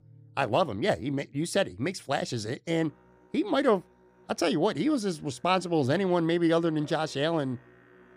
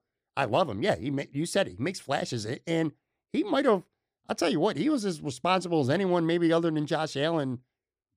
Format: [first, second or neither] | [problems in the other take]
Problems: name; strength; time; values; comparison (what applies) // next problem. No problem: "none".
second | background music; faint; throughout; 30 dB below the speech